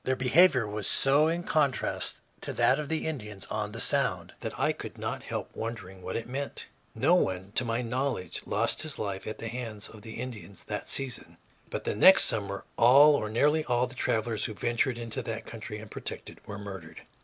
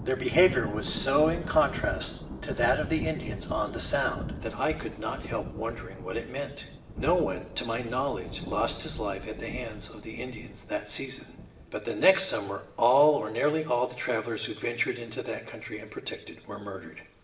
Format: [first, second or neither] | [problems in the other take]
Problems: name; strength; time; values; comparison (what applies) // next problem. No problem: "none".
first | background sound (Thunder / Rain); 11 dB below the speech // room echo; dies away in 0.9 s